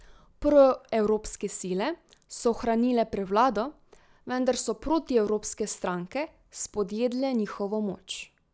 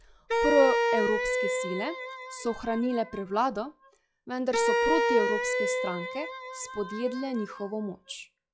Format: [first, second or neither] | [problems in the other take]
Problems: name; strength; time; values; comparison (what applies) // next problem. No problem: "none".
first | noise reduction (classical method log-MMSE)